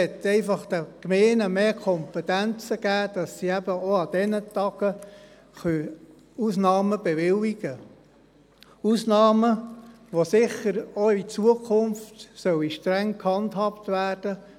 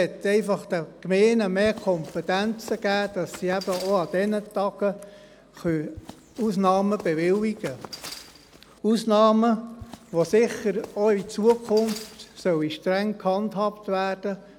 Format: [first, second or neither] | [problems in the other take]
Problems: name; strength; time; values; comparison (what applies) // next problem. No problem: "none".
first | background sound (Run); 19 dB below the speech